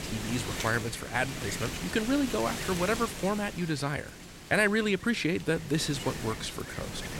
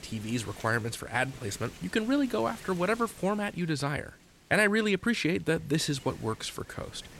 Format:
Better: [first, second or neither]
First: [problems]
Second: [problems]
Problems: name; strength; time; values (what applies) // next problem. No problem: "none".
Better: second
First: wind noise on the microphone; heavy; 8 dB below the speech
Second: wind noise on the microphone; occasional gusts; 20 dB below the speech